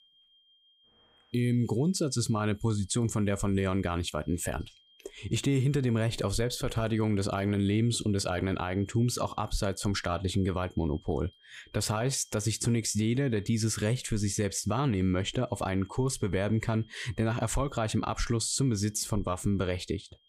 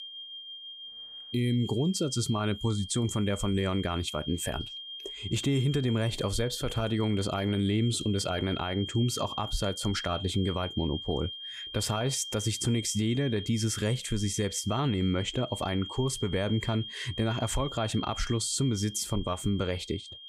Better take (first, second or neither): first